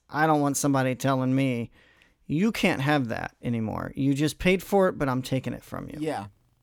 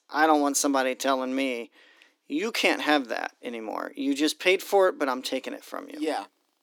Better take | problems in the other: first | thin; very slightly; fading below 300 Hz

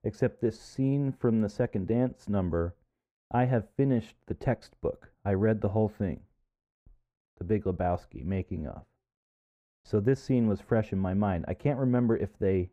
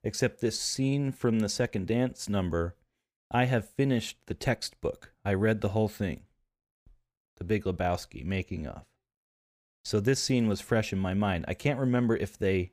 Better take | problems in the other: second | muffled; very; fading above 2 kHz

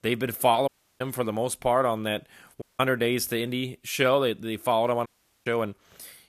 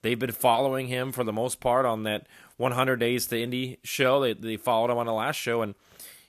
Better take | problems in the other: second | audio cutting out; at 0.5 s, at 2.5 s and at 5 s

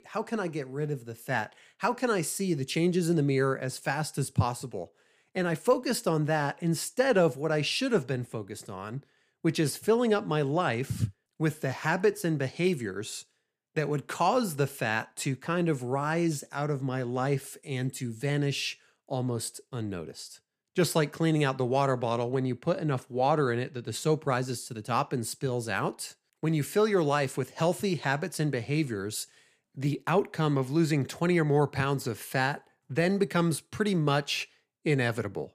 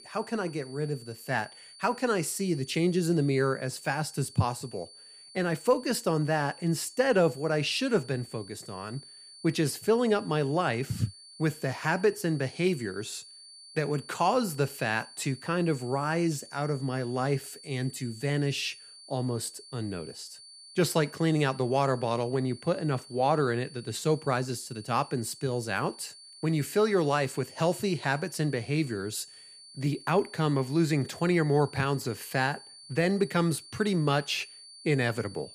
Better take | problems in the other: first | high-pitched whine; noticeable; throughout; 4.5 kHz, 20 dB below the speech

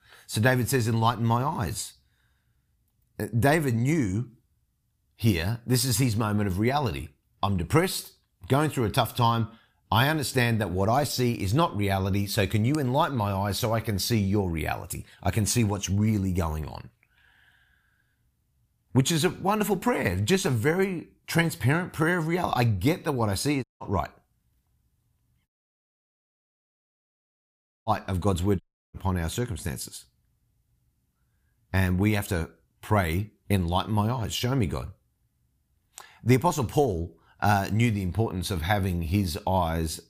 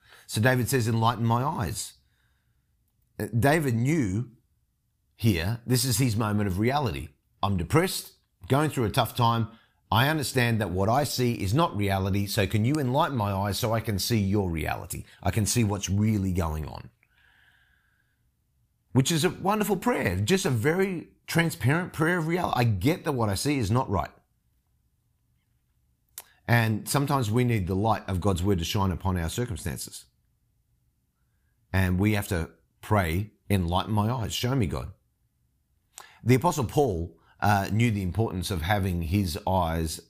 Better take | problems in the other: second | audio cutting out; at 24 s, at 25 s for 2.5 s and at 29 s

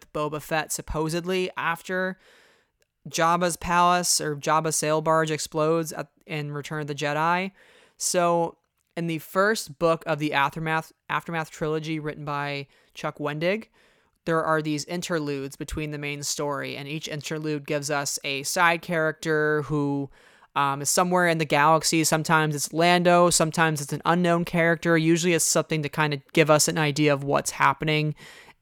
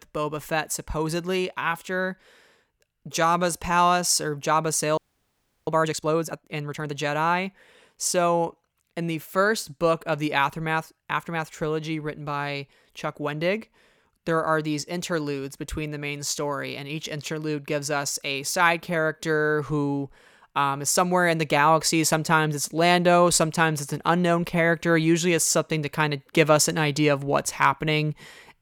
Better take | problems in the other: first | audio freezing; at 5 s for 0.5 s

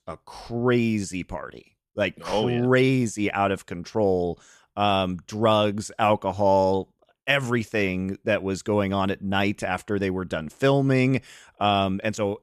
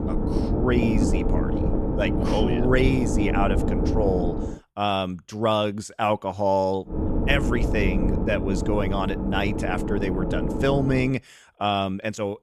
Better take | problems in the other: first | low rumble; loud; until 4.5 s and from 7 to 11 s; 5 dB below the speech

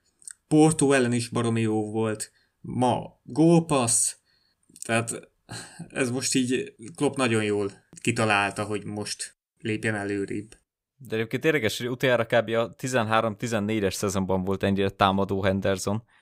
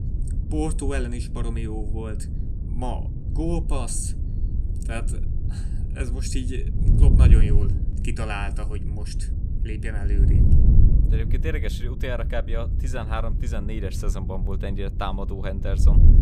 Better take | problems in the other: first | wind noise on the microphone; heavy; 6 dB below the speech

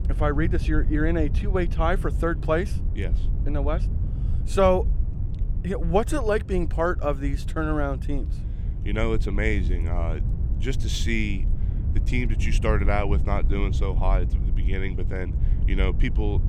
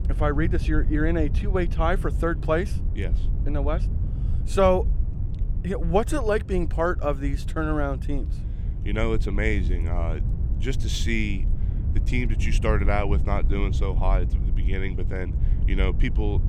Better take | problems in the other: neither | wind noise on the microphone; occasional gusts; 15 dB below the speech; the same in both

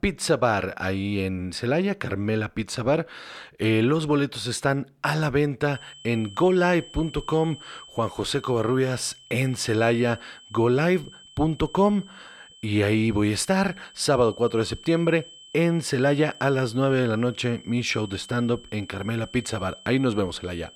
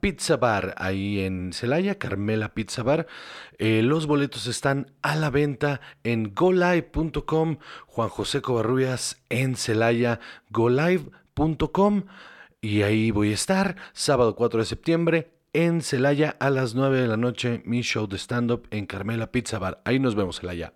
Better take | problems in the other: second | high-pitched whine; faint; from 5.5 s on; 3 kHz, 20 dB below the speech

